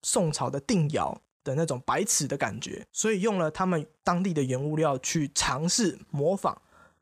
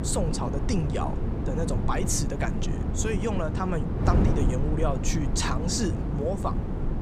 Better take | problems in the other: first | wind noise on the microphone; heavy; 5 dB below the speech

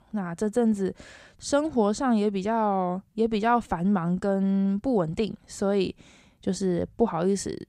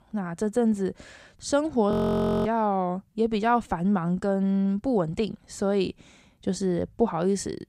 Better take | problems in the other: first | audio freezing; at 2 s for 0.5 s

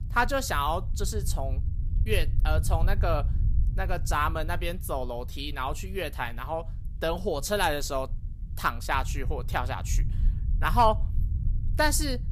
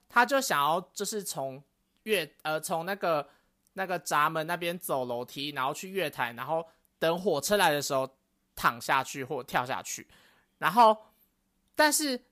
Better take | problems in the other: second | low rumble; faint; throughout; 20 dB below the speech

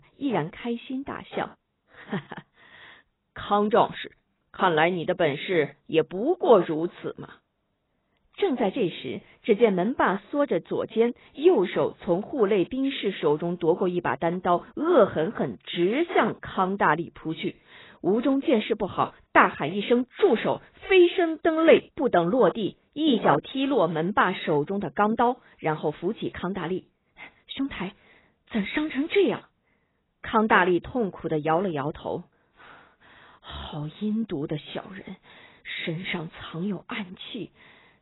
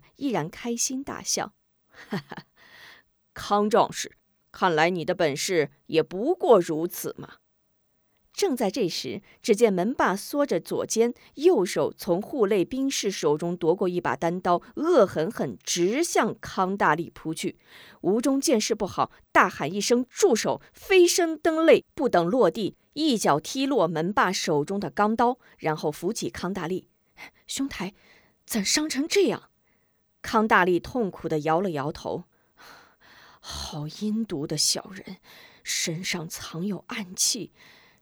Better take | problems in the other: second | garbled, watery; badly; nothing above 4 kHz

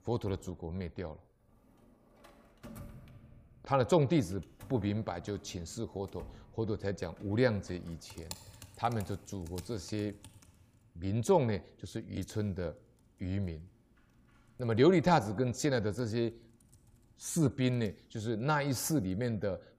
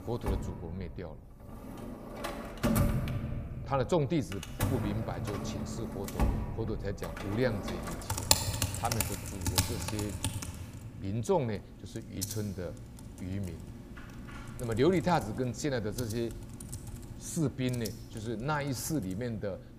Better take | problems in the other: first | household noises; loud; throughout; 2 dB below the speech; faint in the first

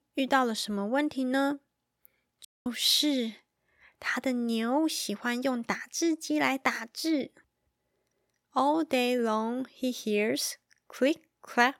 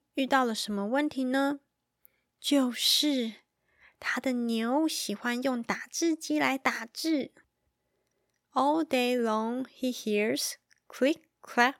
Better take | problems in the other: second | audio cutting out; at 2.5 s

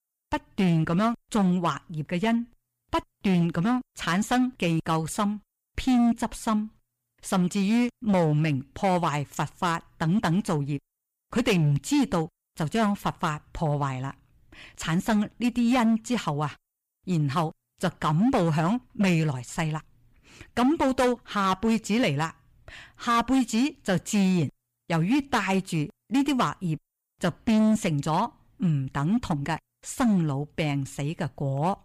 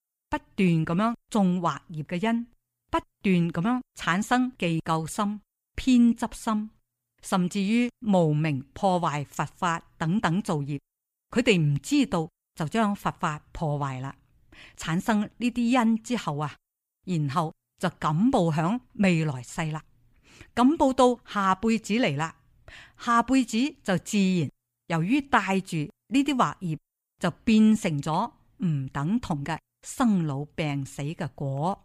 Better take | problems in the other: second | distortion; slight; 8% of the sound clipped

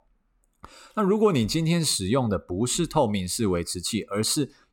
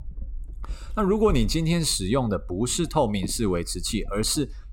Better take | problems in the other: first | low rumble; faint; throughout; 25 dB below the speech

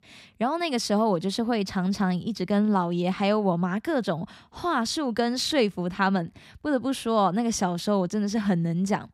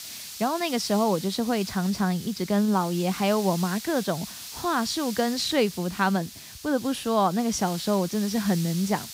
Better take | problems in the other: first | hiss; noticeable; throughout; 10 dB below the speech

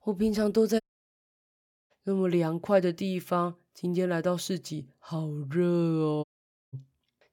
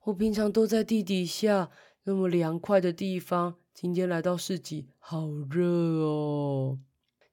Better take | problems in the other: second | audio cutting out; at 1 s for 1 s and at 6 s

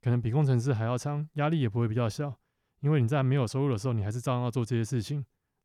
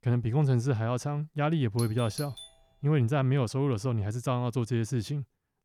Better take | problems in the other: first | doorbell; faint; at 2 s; peak 15 dB below the speech

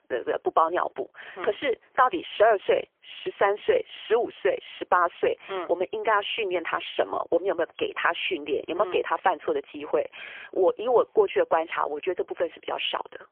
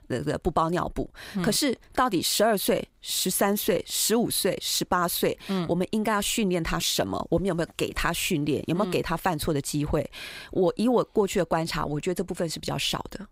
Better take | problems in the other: second | phone-call audio; poor line; nothing above 3.5 kHz

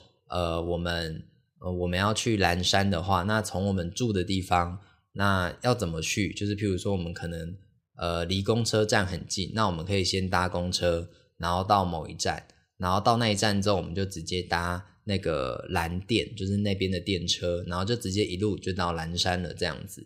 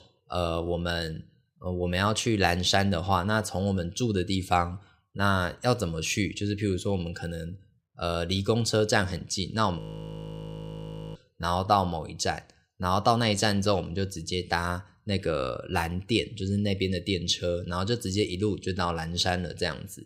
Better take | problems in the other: first | audio freezing; at 10 s for 1.5 s

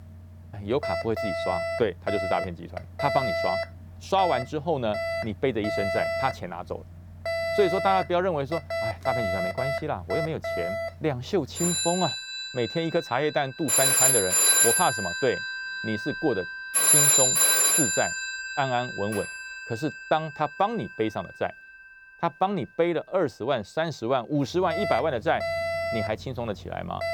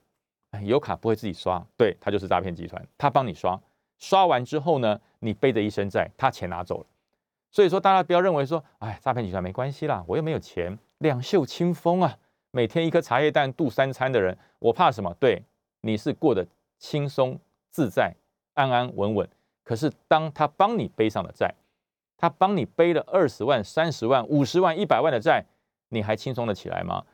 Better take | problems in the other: second | alarms or sirens; very loud; throughout; 4 dB above the speech

